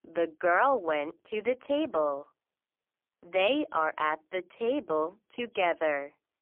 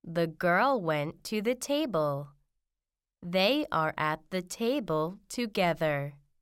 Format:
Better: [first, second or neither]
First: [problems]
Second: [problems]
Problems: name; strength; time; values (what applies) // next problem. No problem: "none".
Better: second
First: phone-call audio; poor line; nothing above 3.5 kHz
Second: none